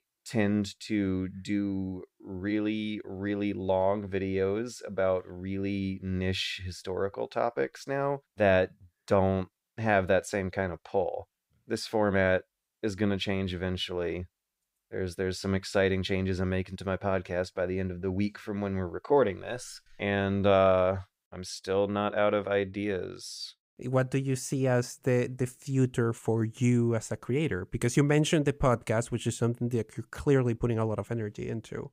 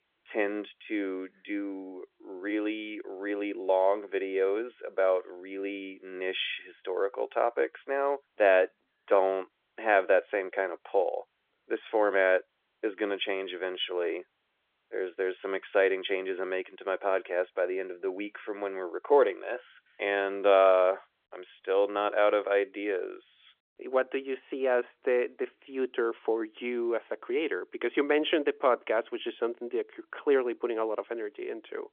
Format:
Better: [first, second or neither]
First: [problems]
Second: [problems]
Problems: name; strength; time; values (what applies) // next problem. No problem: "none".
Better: first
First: none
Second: phone-call audio; nothing above 3.5 kHz